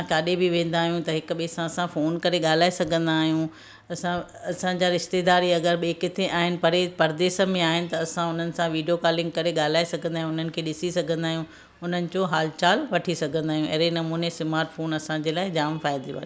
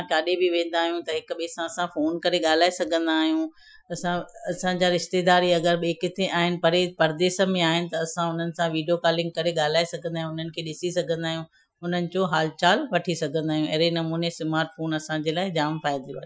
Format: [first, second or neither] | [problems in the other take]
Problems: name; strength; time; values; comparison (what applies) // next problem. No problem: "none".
first | noise reduction (classical method Wiener filter)